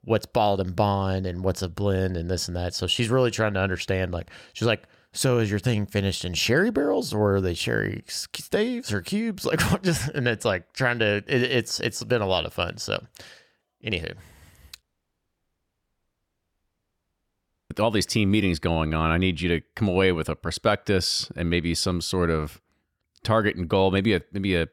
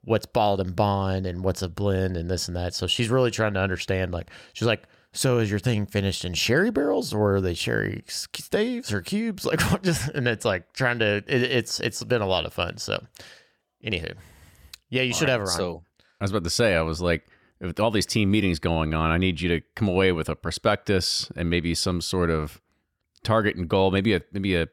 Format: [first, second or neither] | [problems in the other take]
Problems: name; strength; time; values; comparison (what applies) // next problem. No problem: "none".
second | audio cutting out; at 15 s for 3 s